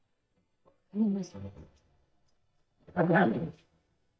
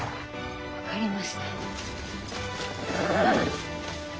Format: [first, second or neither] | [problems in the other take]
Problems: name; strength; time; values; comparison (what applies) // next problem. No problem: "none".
second | noise reduction (neural mask model DeepFilterNet 3)